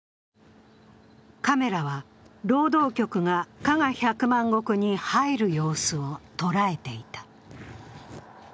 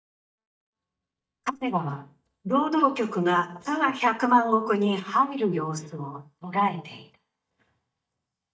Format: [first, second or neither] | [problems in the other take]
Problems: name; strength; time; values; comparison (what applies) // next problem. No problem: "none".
first | noise reduction (neural mask model DeepFilterNet 3)